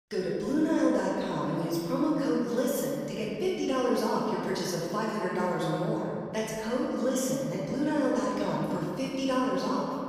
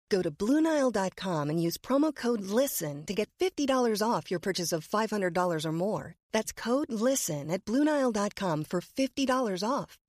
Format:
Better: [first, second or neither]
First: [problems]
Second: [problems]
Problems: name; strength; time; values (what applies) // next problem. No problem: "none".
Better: second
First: room echo; strong; dies away in 2.2 s // off-mic speech; far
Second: none